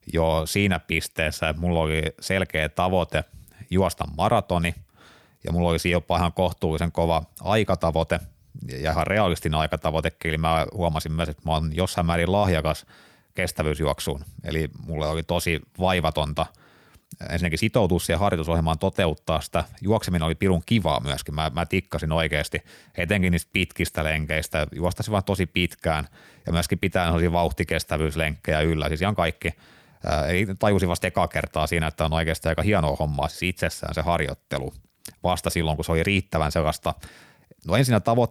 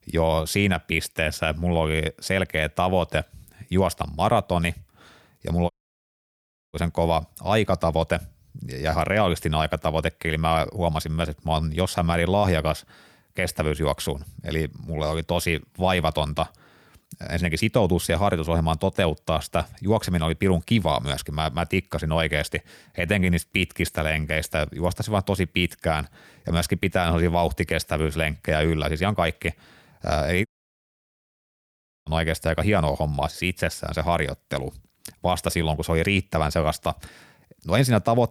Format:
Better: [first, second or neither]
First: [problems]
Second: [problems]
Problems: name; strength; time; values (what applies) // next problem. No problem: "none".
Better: first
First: none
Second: audio cutting out; at 5.5 s for 1 s and at 30 s for 1.5 s